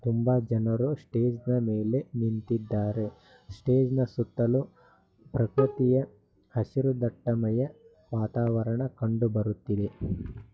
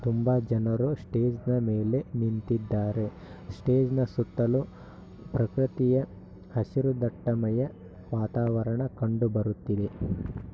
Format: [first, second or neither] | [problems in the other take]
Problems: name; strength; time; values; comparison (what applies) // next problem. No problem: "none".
second | noise reduction (classical method log-MMSE)